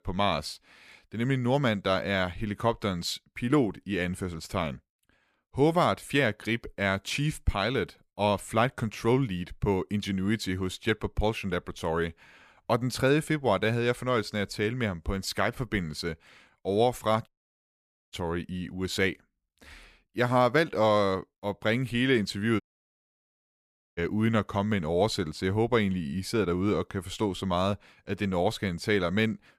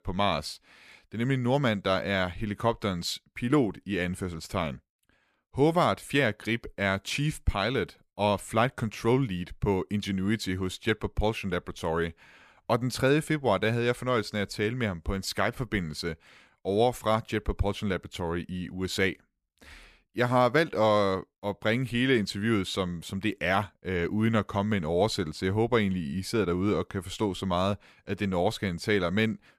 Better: second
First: audio cutting out; at 17 s for 1 s and at 23 s for 1.5 s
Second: none

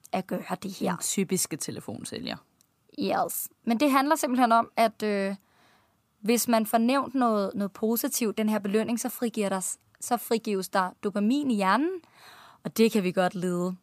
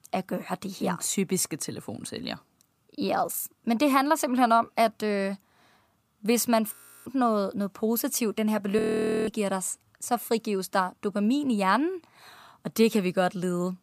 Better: first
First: none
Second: audio freezing; at 6.5 s and at 9 s

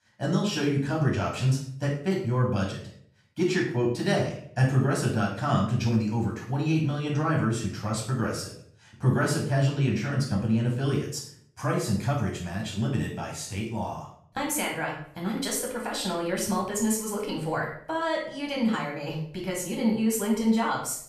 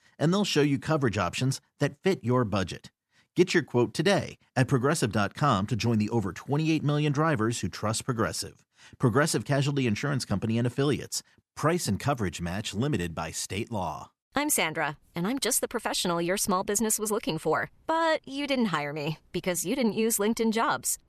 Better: second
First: off-mic speech; far // room echo; noticeable; dies away in 0.5 s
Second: none

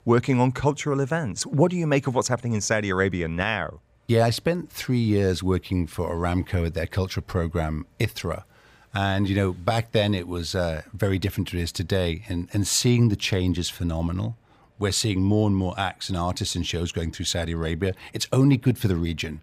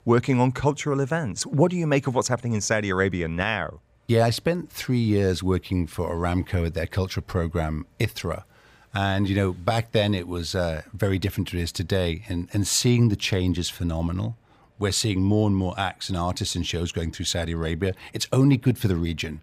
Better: neither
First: none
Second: none

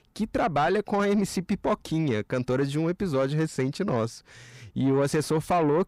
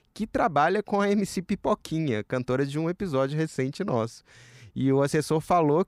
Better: second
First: distortion; slight; 10 dB below the speech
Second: none

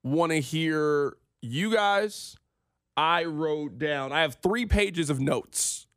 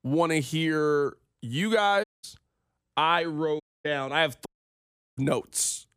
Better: first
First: none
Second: audio cutting out; at 2 s, at 3.5 s and at 4.5 s for 0.5 s

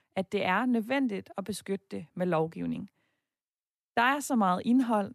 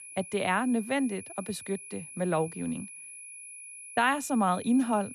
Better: first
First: none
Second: high-pitched whine; noticeable; throughout; 10.5 kHz, 15 dB below the speech

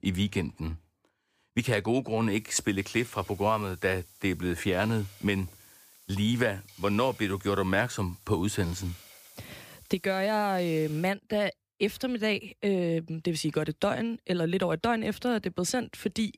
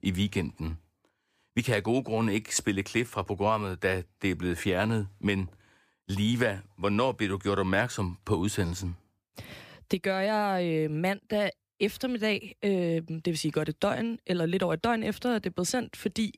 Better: second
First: hiss; faint; from 2.5 to 11 s; 20 dB below the speech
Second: none

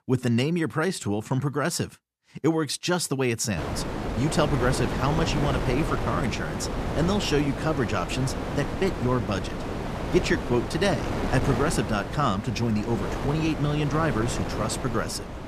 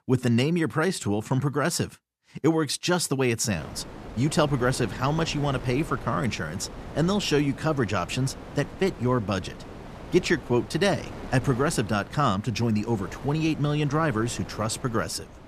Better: second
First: wind noise on the microphone; heavy; from 3.5 s on; 4 dB below the speech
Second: wind noise on the microphone; occasional gusts; from 3.5 s on; 15 dB below the speech

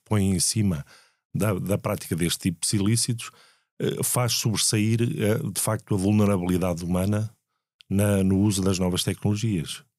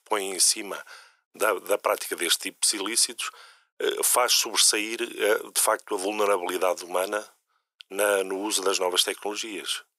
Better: first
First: none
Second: thin; very; fading below 400 Hz

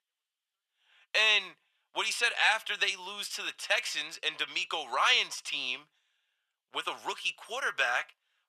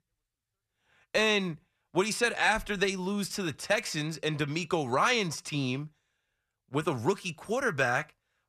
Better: second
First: thin; very; fading below 850 Hz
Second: none

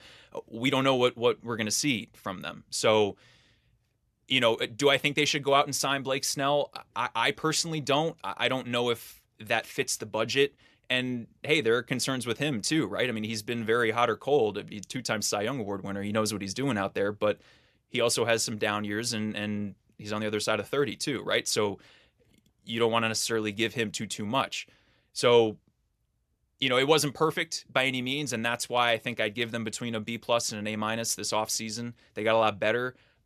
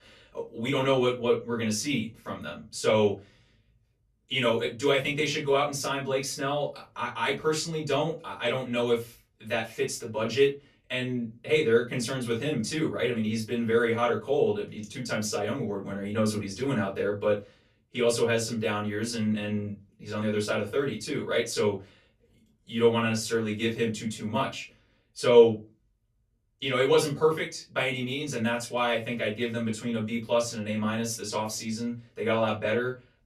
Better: first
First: none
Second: off-mic speech; far // room echo; very slight; dies away in 0.2 s

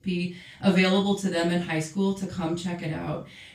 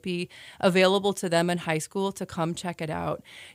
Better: second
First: room echo; noticeable; dies away in 0.3 s // off-mic speech; far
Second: none

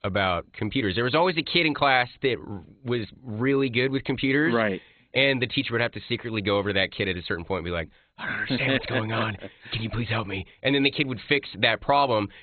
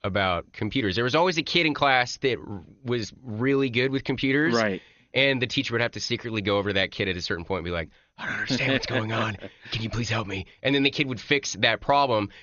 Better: second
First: garbled, watery; badly; nothing above 4 kHz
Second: garbled, watery; slightly; nothing above 6.5 kHz

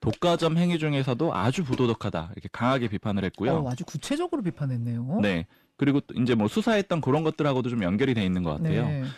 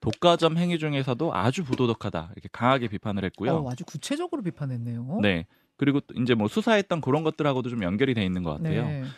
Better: second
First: distortion; slight; 10 dB below the speech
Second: none

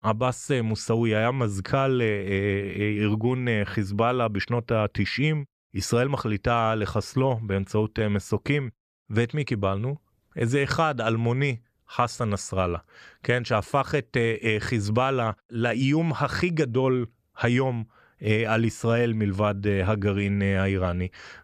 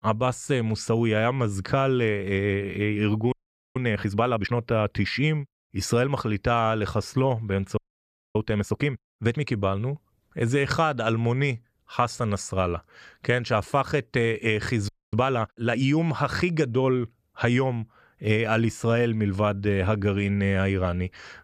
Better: first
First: none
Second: audio freezing; at 3.5 s, at 8 s for 0.5 s and at 15 s

